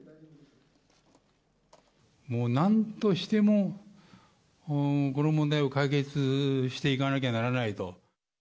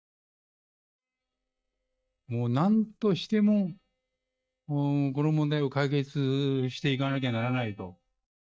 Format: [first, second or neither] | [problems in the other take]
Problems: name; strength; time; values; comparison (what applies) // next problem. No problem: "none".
first | noise reduction (neural mask model DeepFilterNet 3)